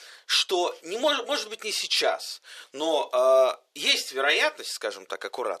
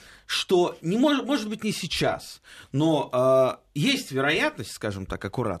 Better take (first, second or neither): second